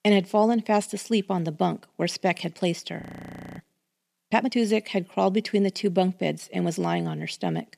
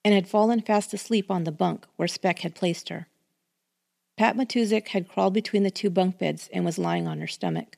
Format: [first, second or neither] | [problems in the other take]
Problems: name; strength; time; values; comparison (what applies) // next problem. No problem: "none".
second | audio freezing; at 3 s for 0.5 s